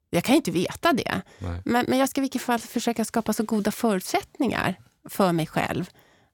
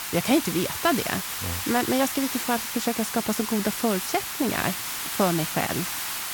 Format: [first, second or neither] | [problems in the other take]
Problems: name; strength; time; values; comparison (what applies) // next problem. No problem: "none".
first | hiss; loud; throughout; 3 dB below the speech